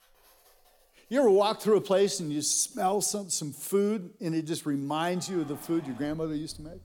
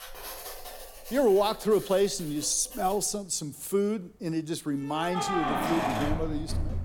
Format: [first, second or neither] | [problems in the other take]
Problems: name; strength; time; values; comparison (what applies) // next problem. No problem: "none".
first | household noises; loud; throughout; 6 dB below the speech; faint in the first